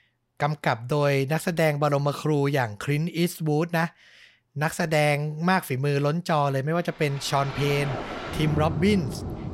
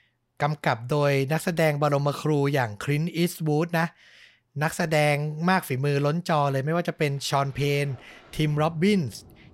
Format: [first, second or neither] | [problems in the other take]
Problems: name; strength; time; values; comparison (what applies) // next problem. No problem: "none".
second | rain or running water; loud; from 7 s on; 8 dB below the speech; faint in the second